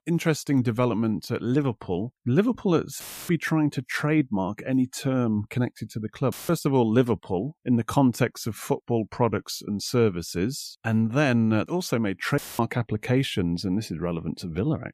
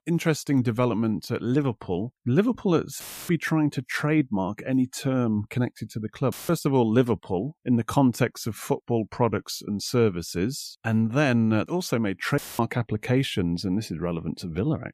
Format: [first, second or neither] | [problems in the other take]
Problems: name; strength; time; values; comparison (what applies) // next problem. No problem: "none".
neither | audio cutting out; filled with static; at 3 s, at 6.5 s and at 12 s; the same in both